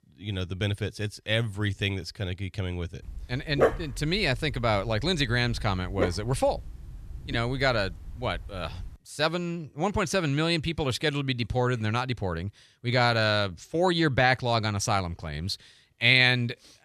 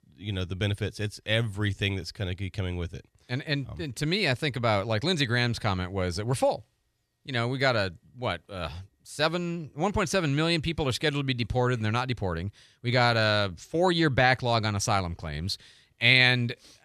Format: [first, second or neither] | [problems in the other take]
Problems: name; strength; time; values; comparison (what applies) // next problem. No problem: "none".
second | dog barking; loud; from 3 to 9 s; peak 2 dB above the speech